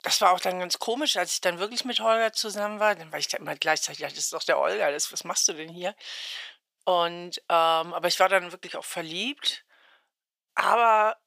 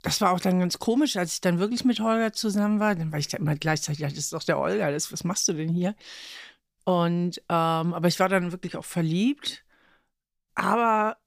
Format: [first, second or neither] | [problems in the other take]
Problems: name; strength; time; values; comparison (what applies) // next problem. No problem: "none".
second | thin; very; fading below 600 Hz